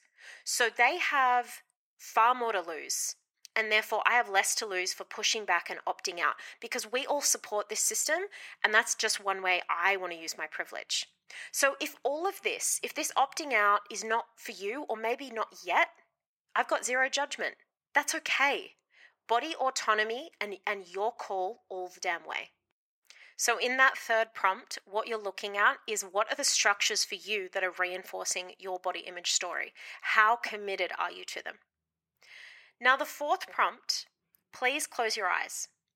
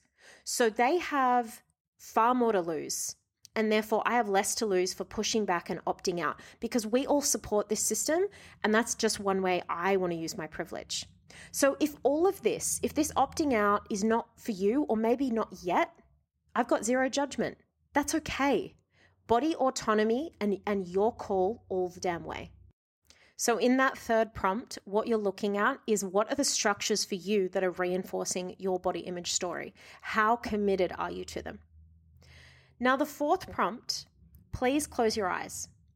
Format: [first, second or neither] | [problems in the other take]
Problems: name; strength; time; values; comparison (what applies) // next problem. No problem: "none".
second | thin; very; fading below 650 Hz